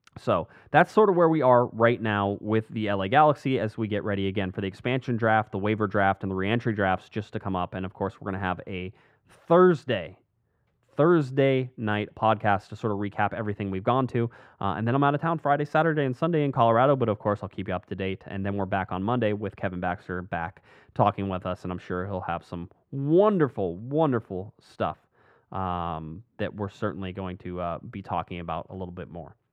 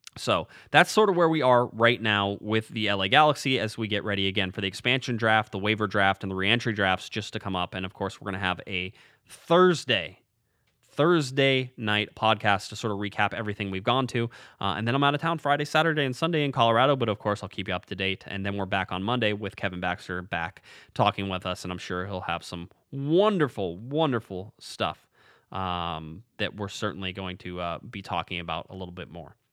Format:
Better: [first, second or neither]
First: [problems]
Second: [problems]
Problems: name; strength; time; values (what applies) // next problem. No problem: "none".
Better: second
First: muffled; very; fading above 2 kHz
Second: none